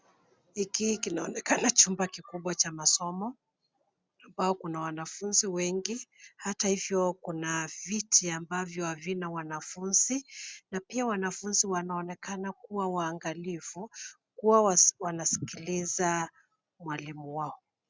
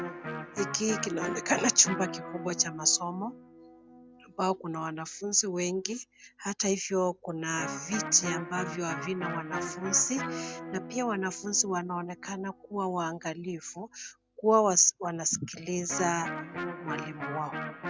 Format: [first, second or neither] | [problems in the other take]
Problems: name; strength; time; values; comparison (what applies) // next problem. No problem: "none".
first | background sound (Electric guitar); 10 dB below the speech